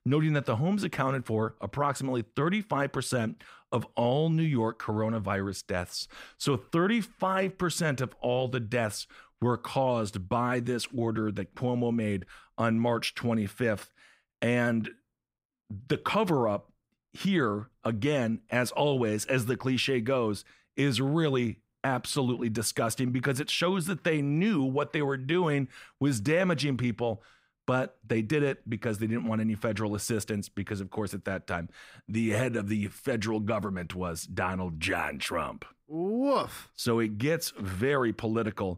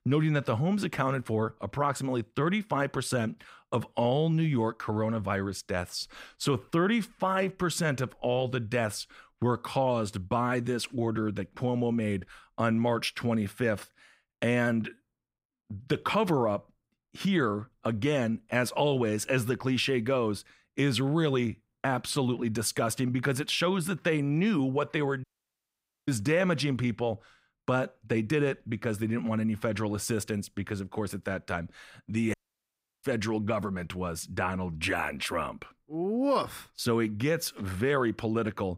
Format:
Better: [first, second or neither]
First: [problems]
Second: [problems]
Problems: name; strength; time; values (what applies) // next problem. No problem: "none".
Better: first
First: none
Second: audio cutting out; at 25 s for 1 s and at 32 s for 0.5 s